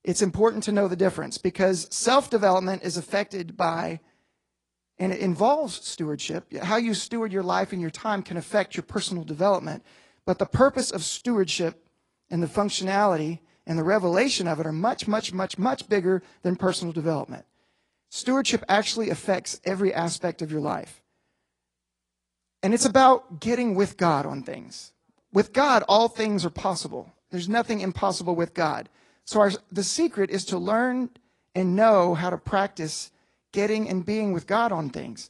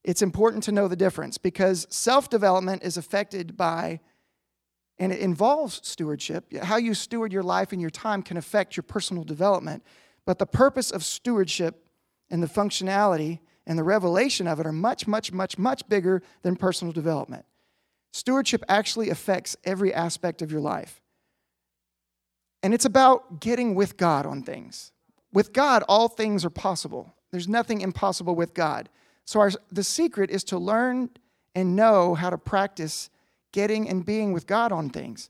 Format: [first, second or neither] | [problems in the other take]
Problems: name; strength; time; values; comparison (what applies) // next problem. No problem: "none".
second | garbled, watery; slightly